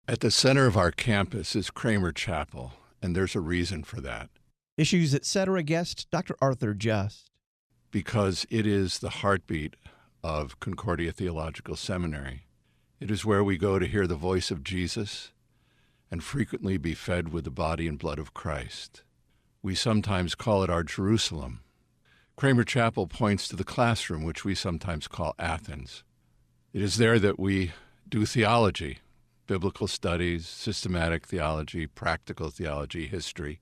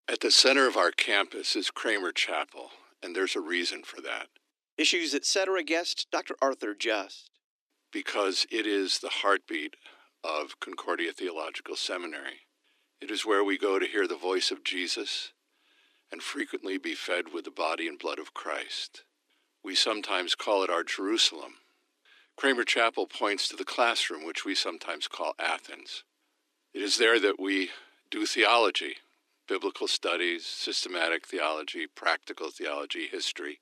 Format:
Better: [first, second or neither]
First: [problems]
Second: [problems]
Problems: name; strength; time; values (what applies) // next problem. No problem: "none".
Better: first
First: none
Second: thin; somewhat; fading below 300 Hz